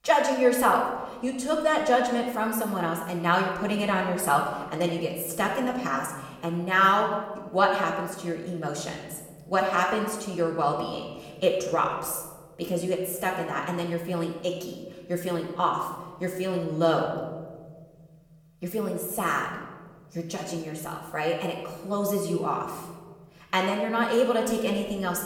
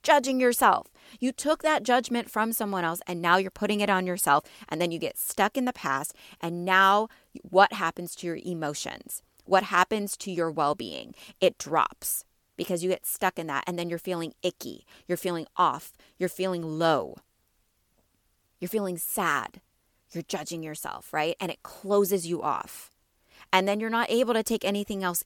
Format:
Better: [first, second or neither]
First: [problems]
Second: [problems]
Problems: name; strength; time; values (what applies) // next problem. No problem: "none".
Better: second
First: off-mic speech; far // room echo; noticeable; dies away in 1.7 s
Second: none